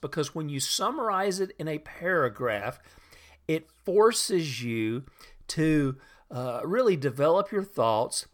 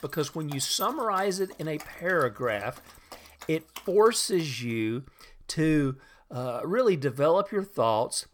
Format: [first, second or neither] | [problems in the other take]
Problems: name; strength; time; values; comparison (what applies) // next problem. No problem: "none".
first | animal sounds; noticeable; until 4.5 s; 20 dB below the speech